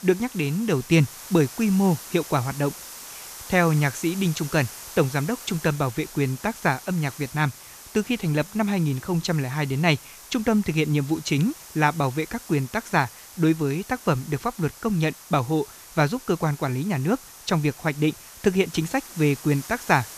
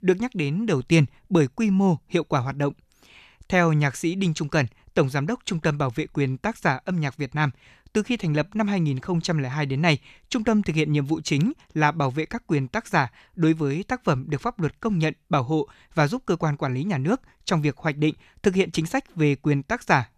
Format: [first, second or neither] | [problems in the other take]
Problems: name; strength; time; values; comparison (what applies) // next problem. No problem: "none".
second | hiss; noticeable; throughout; 15 dB below the speech